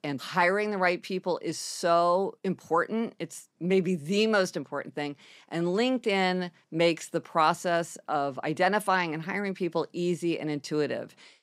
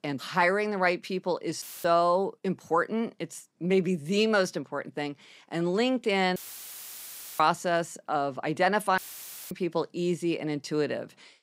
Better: first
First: none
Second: audio cutting out; filled with static; at 1.5 s, at 6.5 s for 1 s and at 9 s for 0.5 s

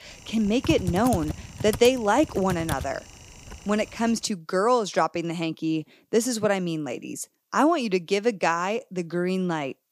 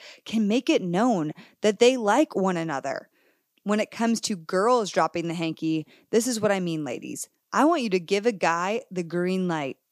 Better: second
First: keyboard typing; noticeable; until 3.5 s; peak 6 dB below the speech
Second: none

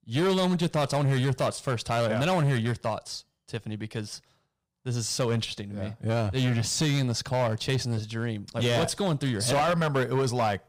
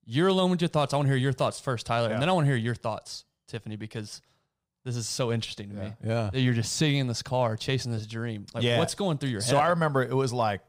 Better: second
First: distortion; slight; 11% of the sound clipped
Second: none

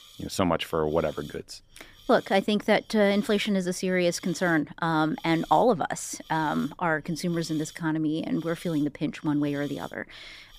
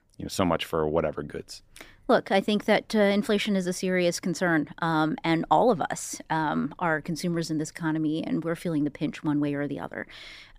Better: second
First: hiss; faint; throughout; 25 dB below the speech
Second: none

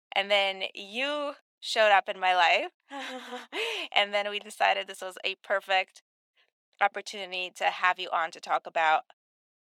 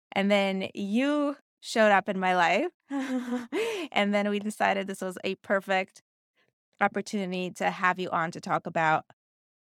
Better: second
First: thin; very; fading below 650 Hz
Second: none

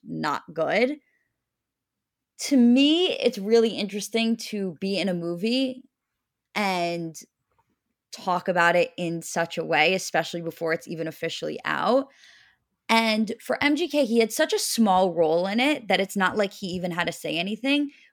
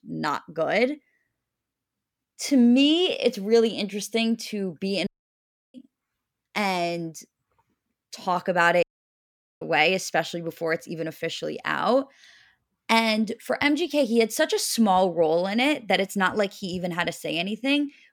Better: first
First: none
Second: audio cutting out; at 5 s for 0.5 s and at 9 s for 1 s

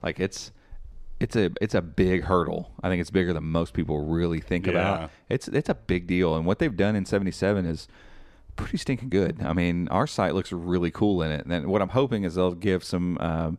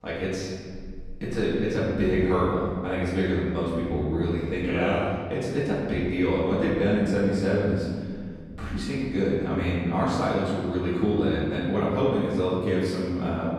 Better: first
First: none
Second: off-mic speech; far // room echo; strong; dies away in 1.7 s

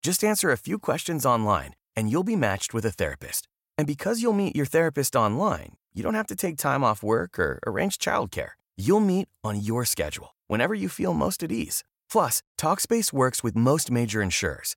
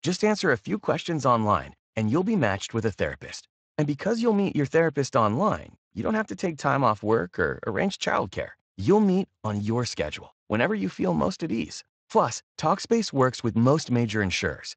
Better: first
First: none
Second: garbled, watery; slightly; nothing above 8 kHz

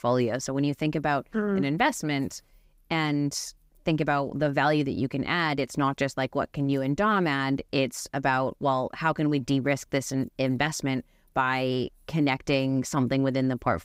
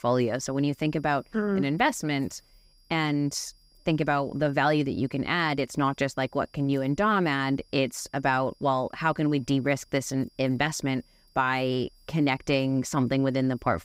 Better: first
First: none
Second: high-pitched whine; faint; throughout; 5 kHz, 35 dB below the speech

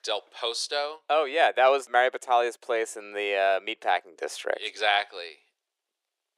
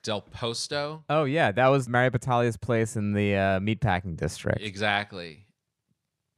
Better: second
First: thin; very; fading below 400 Hz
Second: none

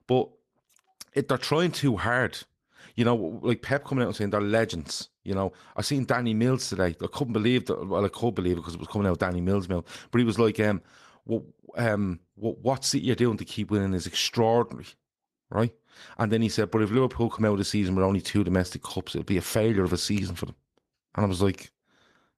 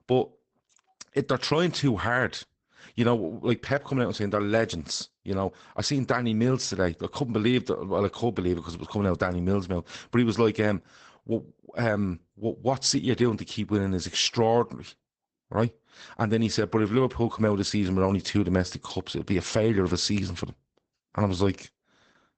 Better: first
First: garbled, watery; slightly; nothing above 13.5 kHz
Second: garbled, watery; badly; nothing above 8 kHz

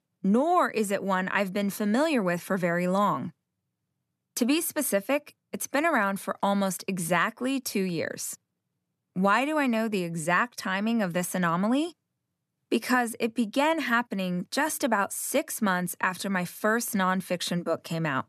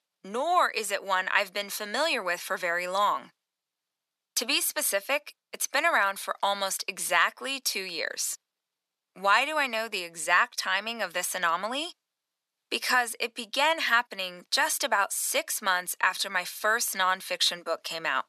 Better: first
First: none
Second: thin; very; fading below 700 Hz

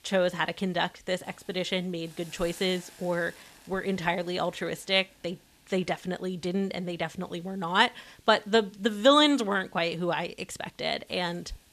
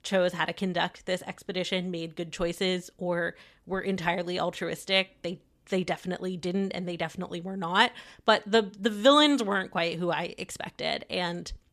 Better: second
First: hiss; faint; throughout; 25 dB below the speech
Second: none

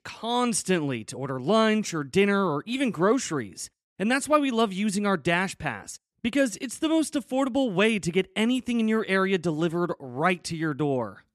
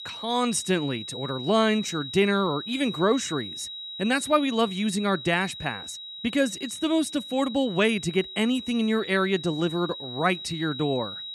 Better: first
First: none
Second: high-pitched whine; loud; throughout; 4 kHz, 10 dB below the speech

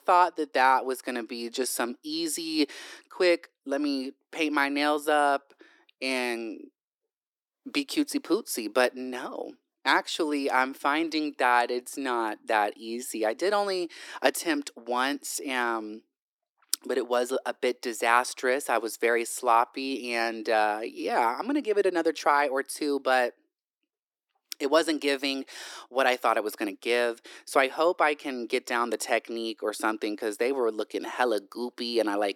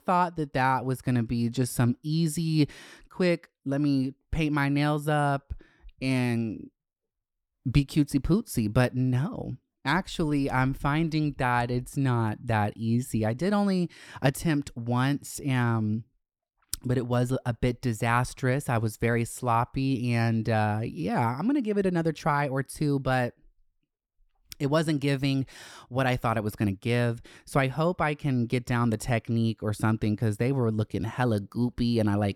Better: second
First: thin; somewhat; fading below 300 Hz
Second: none

